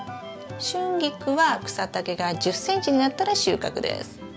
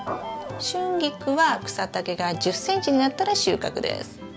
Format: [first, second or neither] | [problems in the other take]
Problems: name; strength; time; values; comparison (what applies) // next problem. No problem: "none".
first | background sound (Printer / Engine); 11 dB below the speech